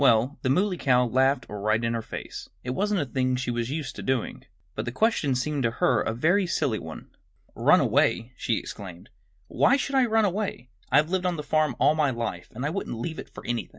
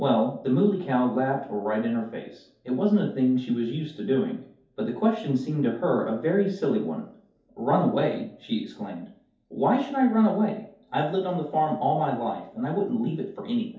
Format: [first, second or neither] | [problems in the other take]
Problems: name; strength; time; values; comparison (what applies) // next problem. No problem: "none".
first | room echo; dies away in 0.5 s